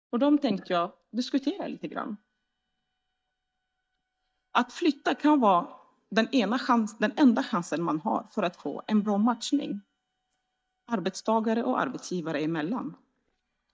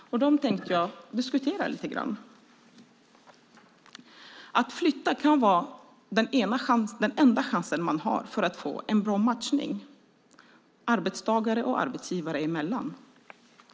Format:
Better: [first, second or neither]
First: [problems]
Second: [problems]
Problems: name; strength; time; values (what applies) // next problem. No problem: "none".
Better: second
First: noise reduction (neural mask model DeepFilterNet 3)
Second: none